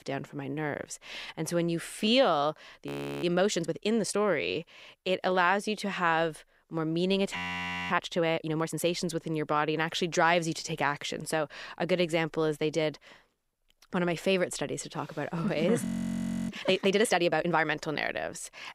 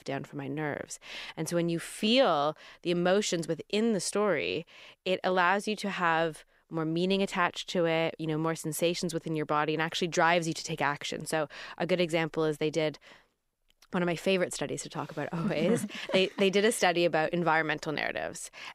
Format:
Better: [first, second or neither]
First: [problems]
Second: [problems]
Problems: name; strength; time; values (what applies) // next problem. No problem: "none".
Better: second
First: audio freezing; at 3 s, at 7.5 s for 0.5 s and at 16 s for 0.5 s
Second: none